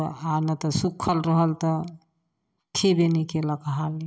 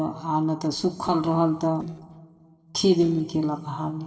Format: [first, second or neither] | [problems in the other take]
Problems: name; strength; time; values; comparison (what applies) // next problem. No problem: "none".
first | noise reduction (neural separator model SepFormer DNS4)